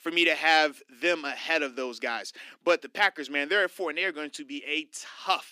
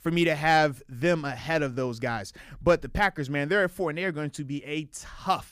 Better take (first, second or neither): second